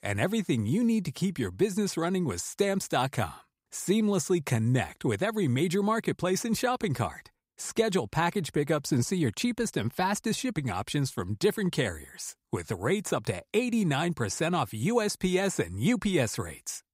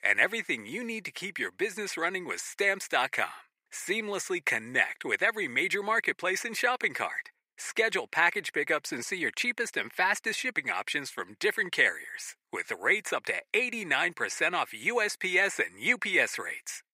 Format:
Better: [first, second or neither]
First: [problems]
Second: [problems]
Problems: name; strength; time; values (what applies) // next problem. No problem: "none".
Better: first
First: none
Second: thin; very; fading below 450 Hz